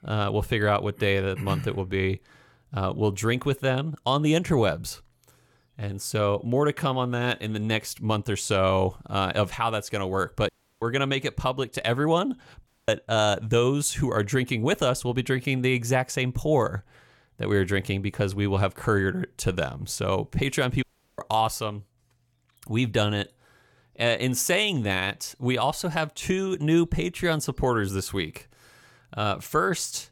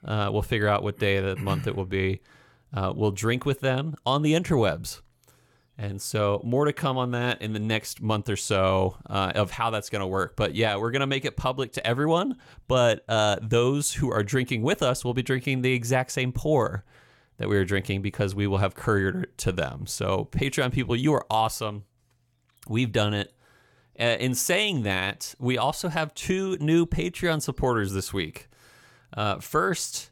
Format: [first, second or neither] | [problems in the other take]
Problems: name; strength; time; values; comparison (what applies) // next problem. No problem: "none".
second | audio cutting out; at 10 s, at 13 s and at 21 s